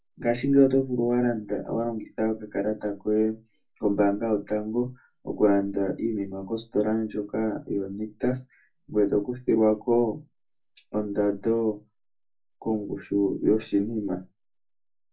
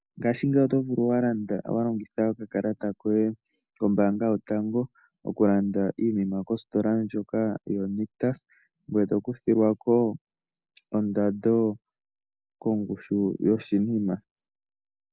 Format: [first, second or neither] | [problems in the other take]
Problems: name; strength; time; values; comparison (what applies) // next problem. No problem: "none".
second | room echo; dies away in 0.2 s